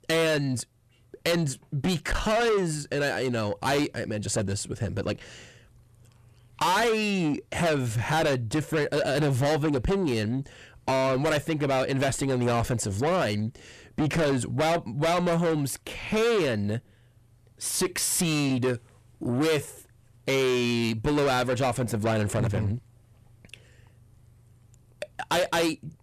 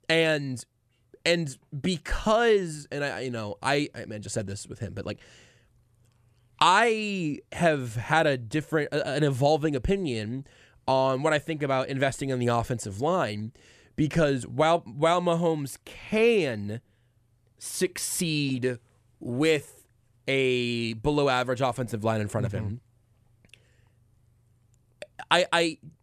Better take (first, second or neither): second